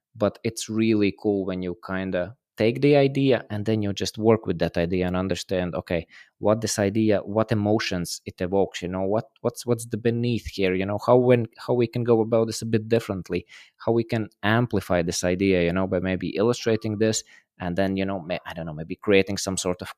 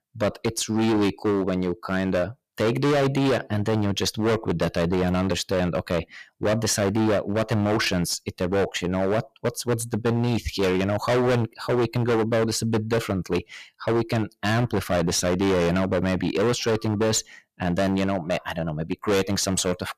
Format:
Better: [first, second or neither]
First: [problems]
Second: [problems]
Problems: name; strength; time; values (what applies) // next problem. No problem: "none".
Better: first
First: none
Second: distortion; heavy; 19% of the sound clipped